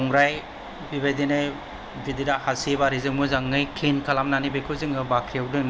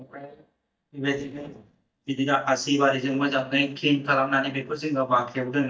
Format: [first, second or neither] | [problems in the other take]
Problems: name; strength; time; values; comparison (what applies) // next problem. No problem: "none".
first | noise reduction (neural mask model DeepFilterNet 3)